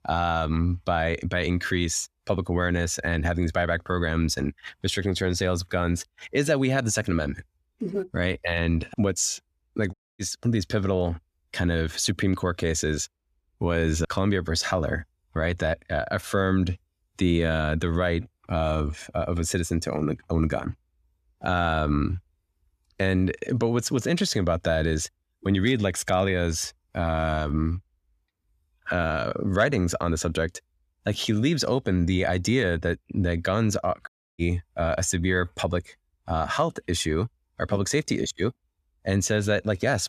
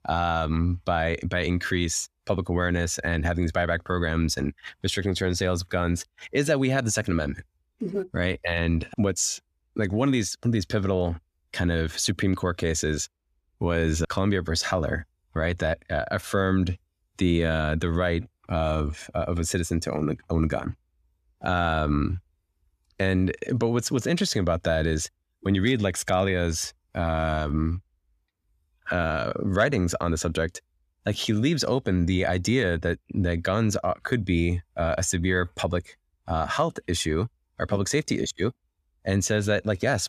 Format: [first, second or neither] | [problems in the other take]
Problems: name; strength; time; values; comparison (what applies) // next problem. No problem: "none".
second | audio cutting out; at 10 s and at 34 s